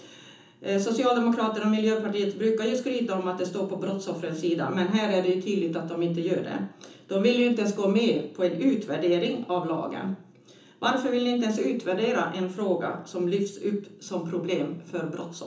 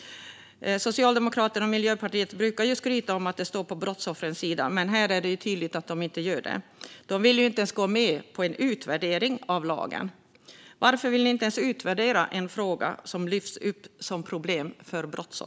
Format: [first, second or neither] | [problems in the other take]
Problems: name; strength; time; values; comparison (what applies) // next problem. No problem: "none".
second | room echo; dies away in 0.7 s